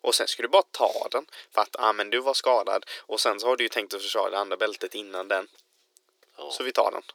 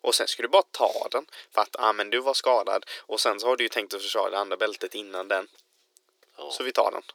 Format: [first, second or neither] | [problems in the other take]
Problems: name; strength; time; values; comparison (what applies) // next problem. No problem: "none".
neither | thin; very; fading below 350 Hz; the same in both